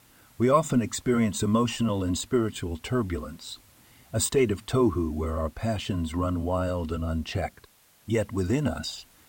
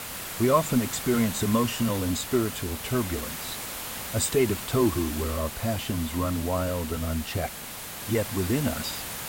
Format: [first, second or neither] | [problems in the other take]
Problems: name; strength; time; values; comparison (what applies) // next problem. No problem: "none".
first | hiss; loud; throughout; 7 dB below the speech; faint in the first